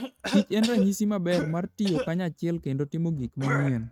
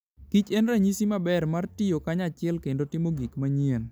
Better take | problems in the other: second | noise reduction (neural mask model RNNoise)

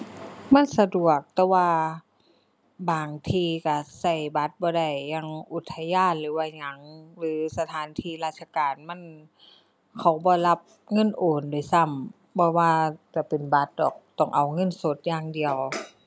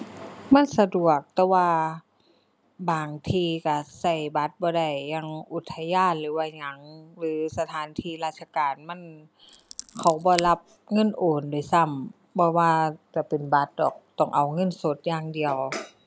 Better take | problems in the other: first | background sound (Scissors); 13 dB below the speech

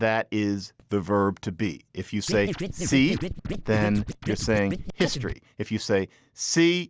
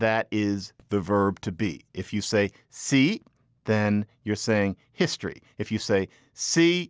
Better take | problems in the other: second | background sound (Scratching (performance technique)); 5 dB below the speech

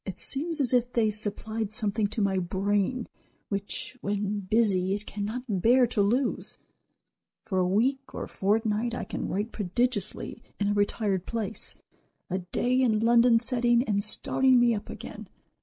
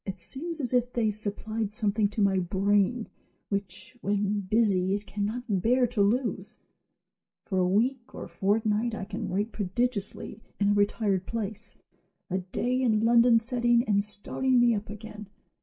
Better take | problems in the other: first | room echo; dies away in 0.2 s

